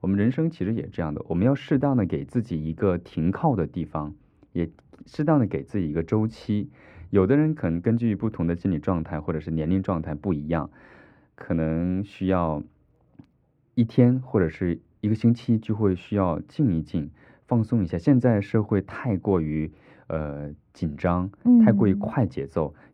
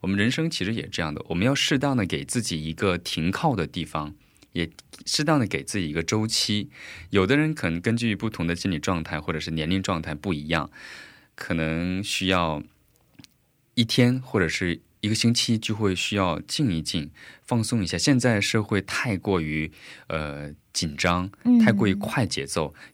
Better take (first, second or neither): second